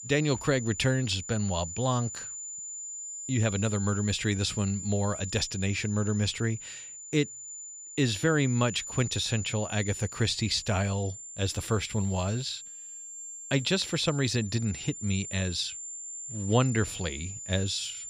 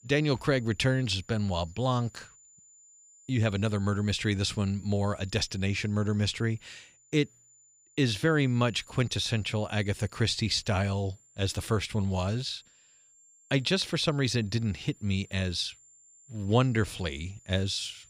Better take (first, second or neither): second